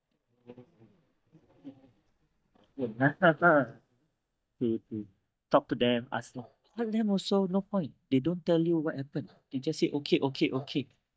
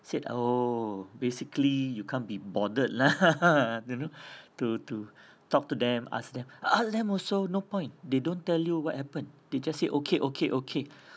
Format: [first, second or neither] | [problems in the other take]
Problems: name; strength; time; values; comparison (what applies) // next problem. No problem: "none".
second | noise reduction (neural mask model DeepFilterNet 3)